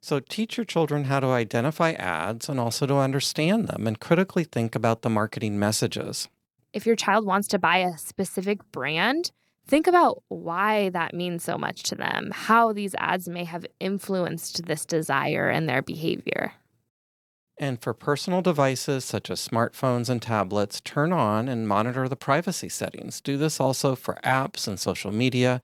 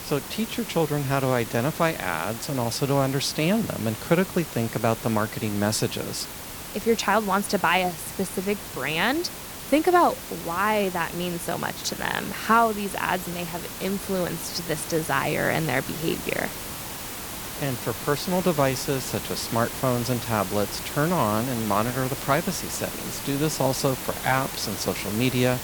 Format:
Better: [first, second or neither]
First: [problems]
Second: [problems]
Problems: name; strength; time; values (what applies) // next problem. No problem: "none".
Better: first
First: none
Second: hiss; loud; throughout; 8 dB below the speech